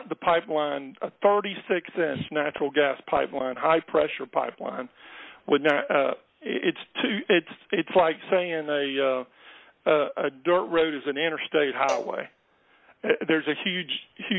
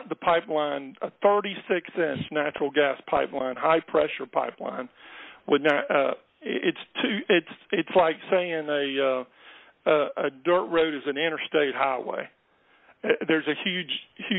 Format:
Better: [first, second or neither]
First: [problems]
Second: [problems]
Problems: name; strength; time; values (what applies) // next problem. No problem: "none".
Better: second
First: background sound (Cowbell); 13 dB below the speech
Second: none